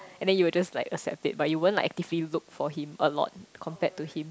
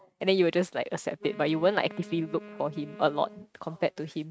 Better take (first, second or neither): first